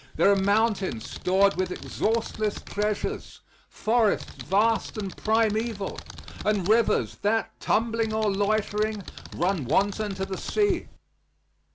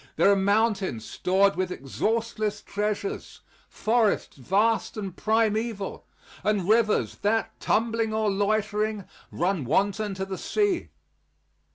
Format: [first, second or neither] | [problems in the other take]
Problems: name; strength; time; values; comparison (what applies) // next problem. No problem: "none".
second | background sound (Computer keyboard); 13 dB below the speech